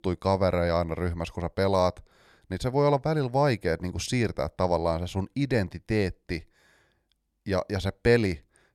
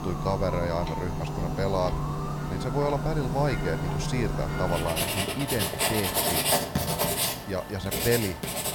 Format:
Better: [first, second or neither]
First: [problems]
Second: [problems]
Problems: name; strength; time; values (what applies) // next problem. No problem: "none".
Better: first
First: none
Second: household noises; very loud; throughout; 2 dB above the speech